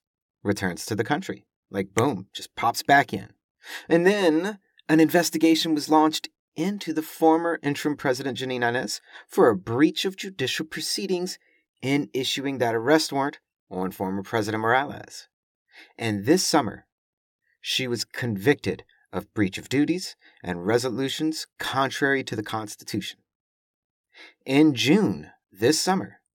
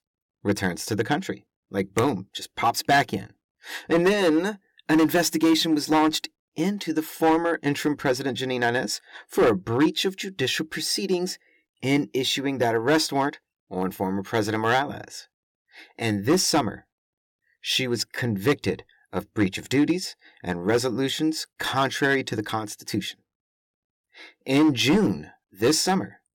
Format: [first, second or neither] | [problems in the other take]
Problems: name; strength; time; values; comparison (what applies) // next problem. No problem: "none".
first | distortion; slight; 3% of the sound clipped